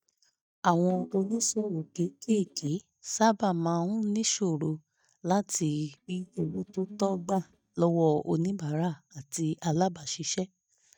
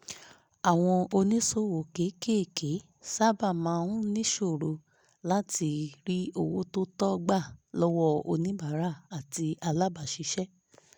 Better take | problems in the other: second | noise reduction (neural mask model DeepFilterNet 3)

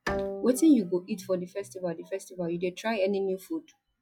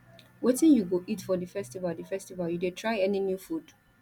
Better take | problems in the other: second | noise reduction (classical method log-MMSE)

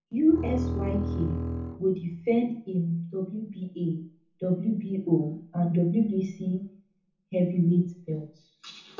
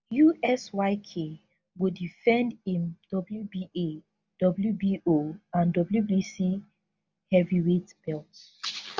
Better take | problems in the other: second | background sound (Bowed string instrument); 4 dB below the speech // room echo; dies away in 0.6 s

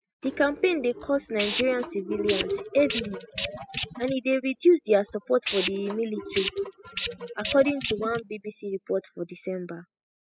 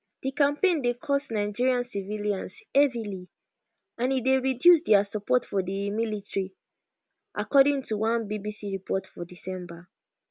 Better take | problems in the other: second | noise reduction (classical method spectral subtraction)

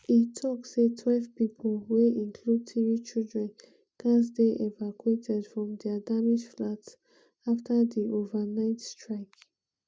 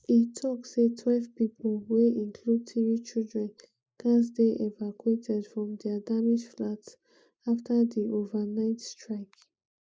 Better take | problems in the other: first | noise reduction (neural mask model Resemble Enhance denoiser)

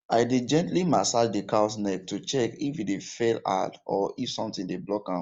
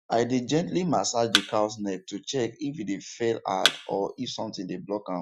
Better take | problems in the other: first | noise reduction (classical method Wiener filter)

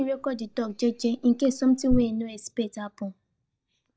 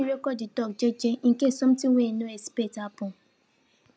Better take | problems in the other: second | noise reduction (neural mask model DeepFilterNet 3)

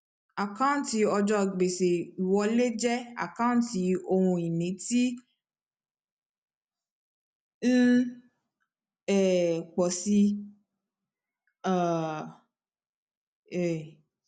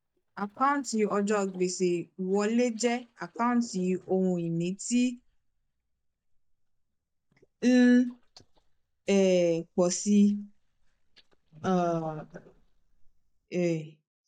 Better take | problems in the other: first | noise reduction (neural mask model DeepFilterNet 3)

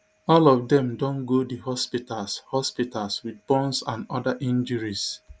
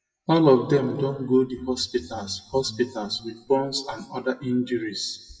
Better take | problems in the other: first | noise reduction (classical method WPE with log-MMSE)

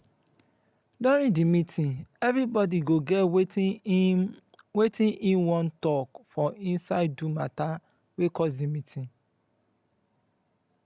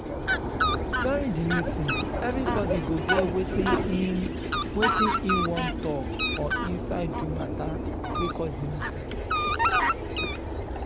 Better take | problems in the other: first | background sound (Fowl); 4 dB above the speech

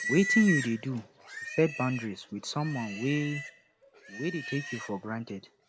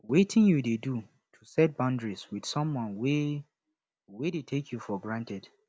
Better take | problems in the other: second | background sound (Livestock, farm animals, working animals); 7 dB below the speech

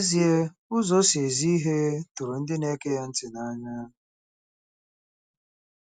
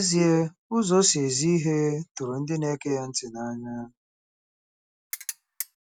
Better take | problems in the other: first | background sound (Ratchet, pawl); 10 dB below the speech

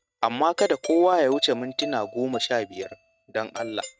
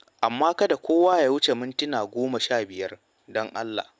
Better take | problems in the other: second | noise reduction (neural mask model RNNoise)

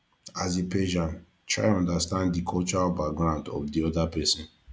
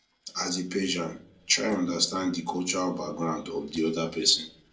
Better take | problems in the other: first | noise reduction (neural separator model SepFormer DNS4)

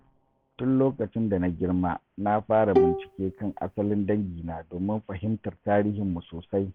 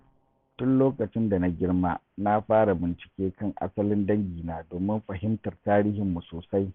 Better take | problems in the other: second | background sound (Bowed string instrument); 1 dB above the speech

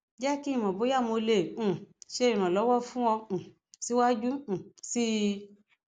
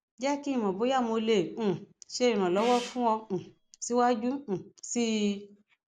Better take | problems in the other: first | background sound (Gong); 15 dB below the speech

